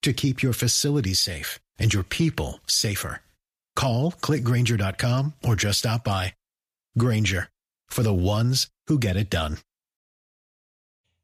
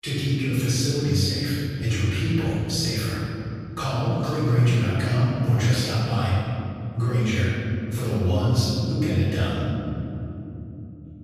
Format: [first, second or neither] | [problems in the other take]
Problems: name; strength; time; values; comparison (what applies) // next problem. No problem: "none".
first | off-mic speech; far // room echo; strong; dies away in 3 s